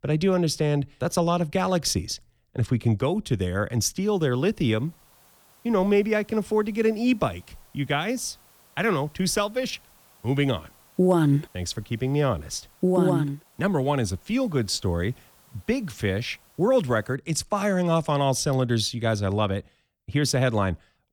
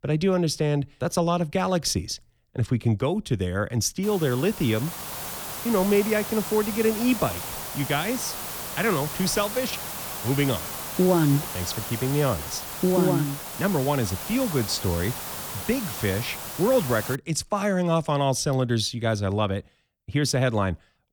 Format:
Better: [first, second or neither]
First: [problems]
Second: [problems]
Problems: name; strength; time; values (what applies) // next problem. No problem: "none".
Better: first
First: hiss; faint; from 4 to 17 s; 30 dB below the speech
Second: hiss; loud; from 4 to 17 s; 7 dB below the speech